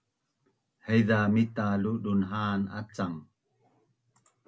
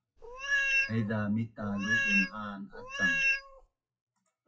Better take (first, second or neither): first